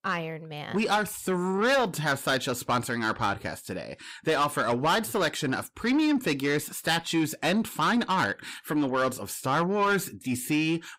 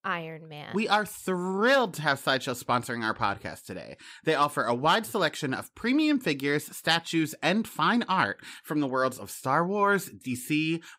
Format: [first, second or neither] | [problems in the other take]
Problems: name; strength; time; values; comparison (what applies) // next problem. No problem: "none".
second | distortion; slight; 10 dB below the speech